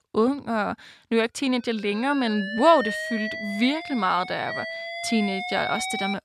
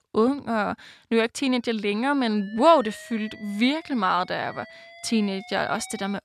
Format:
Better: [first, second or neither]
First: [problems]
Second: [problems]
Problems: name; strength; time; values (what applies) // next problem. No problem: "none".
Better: second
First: alarms or sirens; loud; from 2 s on; 7 dB below the speech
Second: alarms or sirens; faint; from 2 s on; 20 dB below the speech